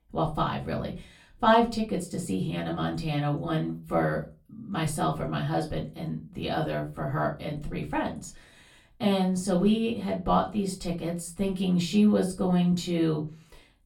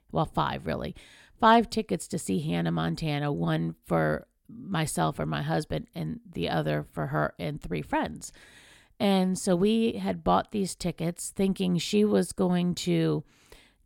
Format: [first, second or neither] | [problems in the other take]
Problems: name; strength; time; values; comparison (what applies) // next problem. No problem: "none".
second | off-mic speech; far // room echo; very slight; dies away in 0.3 s